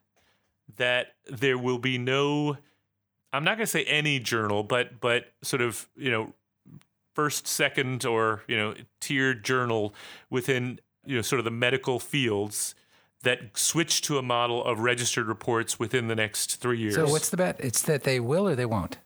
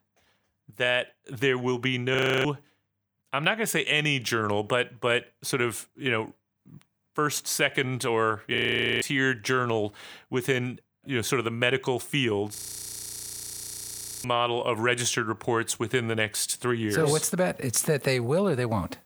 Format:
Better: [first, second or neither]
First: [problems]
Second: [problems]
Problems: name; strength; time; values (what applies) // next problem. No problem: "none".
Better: first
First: none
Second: audio freezing; at 2 s, at 8.5 s and at 13 s for 1.5 s